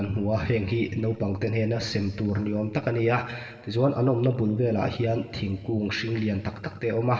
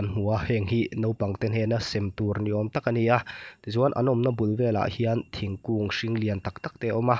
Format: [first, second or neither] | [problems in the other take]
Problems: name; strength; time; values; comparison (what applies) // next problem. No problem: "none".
second | room echo; dies away in 2.5 s